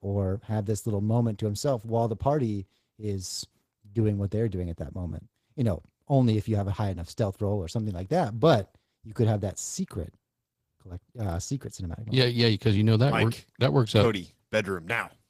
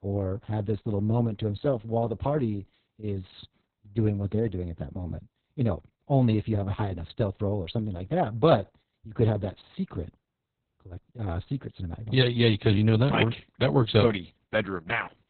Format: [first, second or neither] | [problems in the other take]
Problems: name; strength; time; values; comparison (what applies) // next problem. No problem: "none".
first | garbled, watery; badly; nothing above 4 kHz; slightly in the first